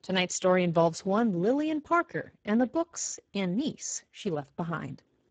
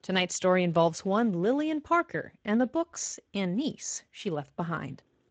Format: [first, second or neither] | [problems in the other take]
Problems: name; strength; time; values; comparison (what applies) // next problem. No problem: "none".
second | garbled, watery; badly; nothing above 7.5 kHz; slightly in the second